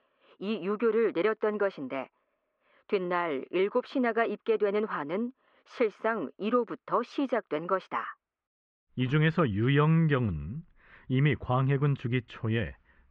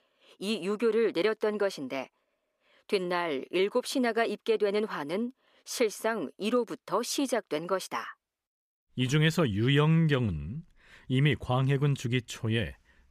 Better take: second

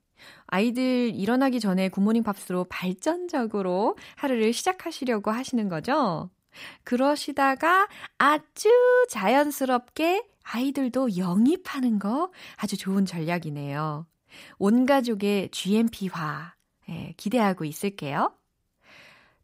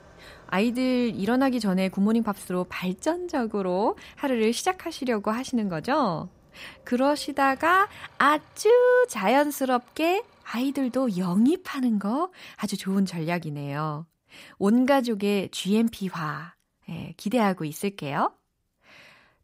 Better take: first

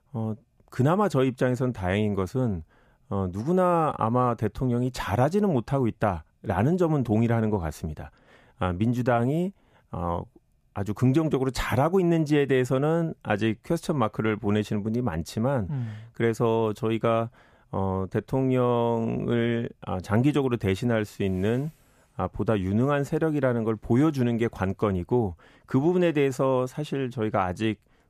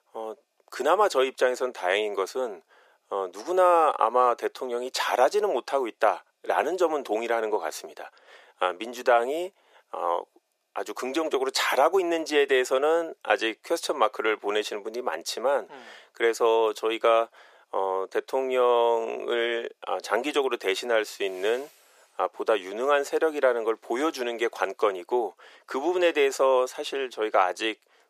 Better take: first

